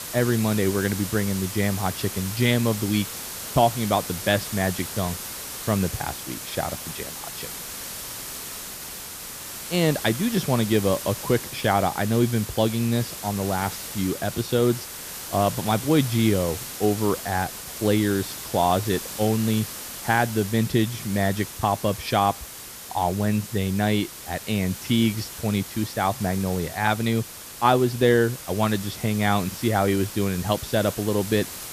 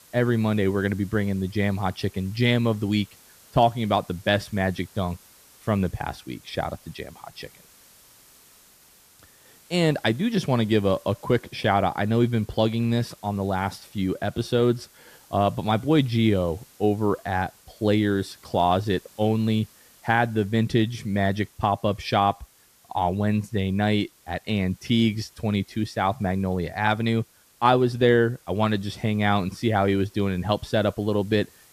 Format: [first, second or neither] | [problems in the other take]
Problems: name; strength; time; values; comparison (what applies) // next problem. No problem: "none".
second | hiss; loud; throughout; 9 dB below the speech; faint in the second